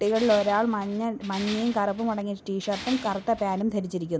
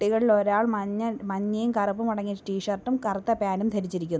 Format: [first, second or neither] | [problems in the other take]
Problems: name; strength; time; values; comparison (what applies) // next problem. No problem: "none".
second | background sound (Tools); 14 dB below the speech